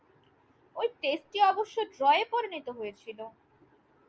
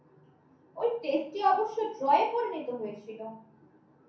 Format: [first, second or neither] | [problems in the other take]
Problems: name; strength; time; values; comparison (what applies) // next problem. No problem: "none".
first | room echo; dies away in 0.5 s